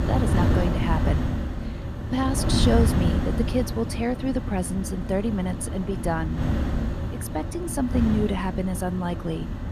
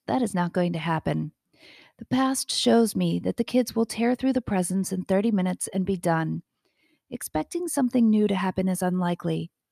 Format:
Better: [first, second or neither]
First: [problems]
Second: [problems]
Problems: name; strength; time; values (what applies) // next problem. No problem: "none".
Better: second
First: wind noise on the microphone; heavy; 4 dB below the speech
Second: none